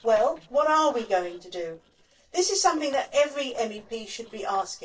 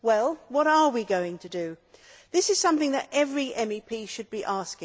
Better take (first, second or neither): second